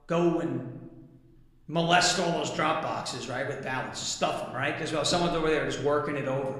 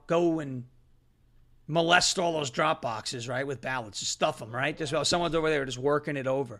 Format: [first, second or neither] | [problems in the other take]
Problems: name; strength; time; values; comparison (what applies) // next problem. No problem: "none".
second | room echo; slight; dies away in 0.9 s